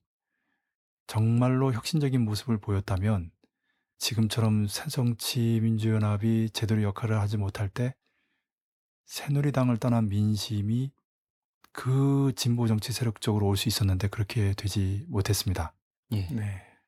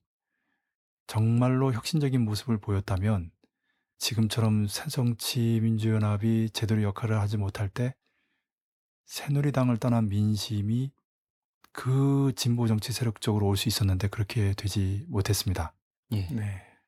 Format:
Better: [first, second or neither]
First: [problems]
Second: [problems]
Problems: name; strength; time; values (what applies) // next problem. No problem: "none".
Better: neither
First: none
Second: none